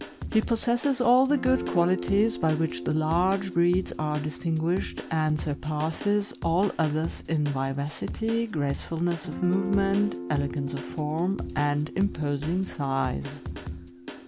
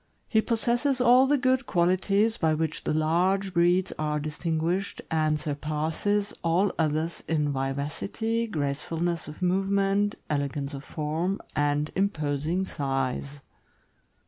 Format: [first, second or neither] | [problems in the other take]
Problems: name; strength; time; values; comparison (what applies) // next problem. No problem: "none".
second | background sound (Guitar + Drum kit); 10 dB below the speech